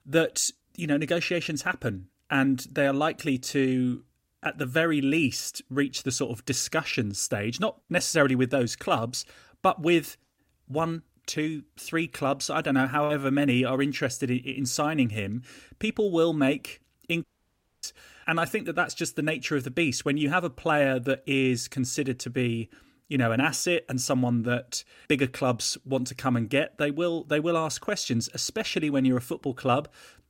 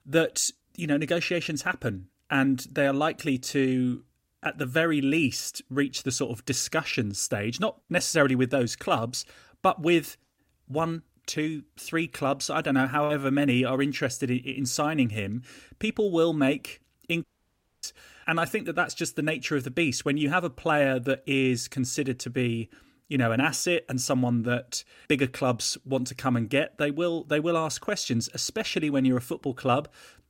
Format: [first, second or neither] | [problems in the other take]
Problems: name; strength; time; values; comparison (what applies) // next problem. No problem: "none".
neither | audio cutting out; at 17 s for 0.5 s; the same in both